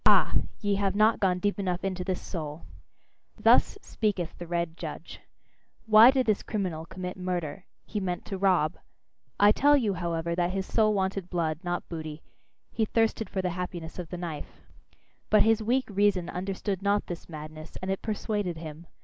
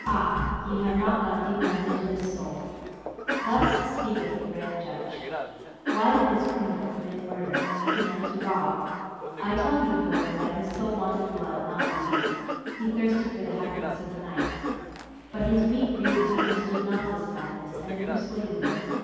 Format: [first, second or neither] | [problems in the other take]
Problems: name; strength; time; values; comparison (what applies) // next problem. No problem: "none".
first | background sound (Cough); 5 dB below the speech // room echo; dies away in 2.1 s